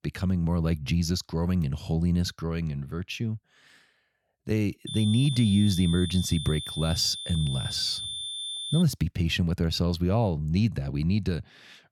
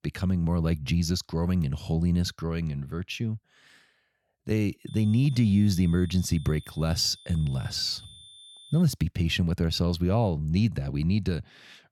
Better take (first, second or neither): second